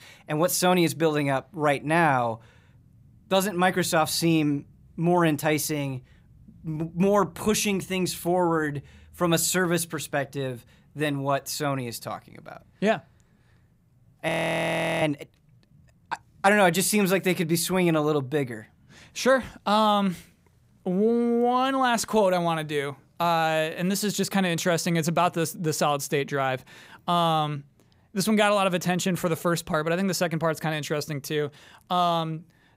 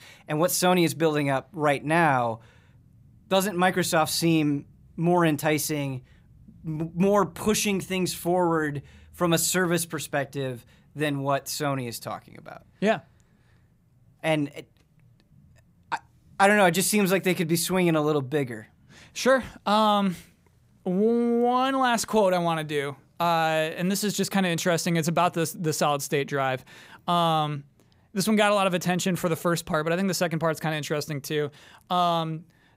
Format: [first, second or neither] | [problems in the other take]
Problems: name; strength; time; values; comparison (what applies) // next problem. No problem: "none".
second | audio freezing; at 14 s for 0.5 s